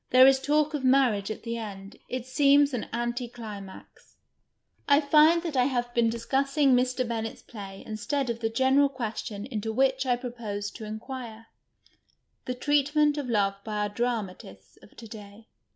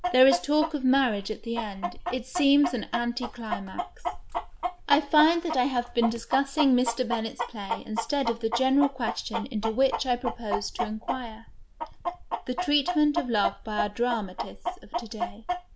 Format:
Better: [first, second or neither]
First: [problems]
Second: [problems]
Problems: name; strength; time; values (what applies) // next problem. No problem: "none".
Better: first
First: none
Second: background sound (Chicken, rooster); 6 dB below the speech